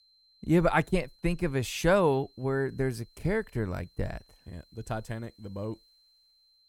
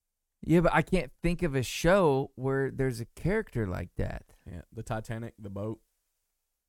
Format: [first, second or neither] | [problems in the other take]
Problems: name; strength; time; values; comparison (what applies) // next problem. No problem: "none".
second | high-pitched whine; faint; throughout; 4 kHz, 30 dB below the speech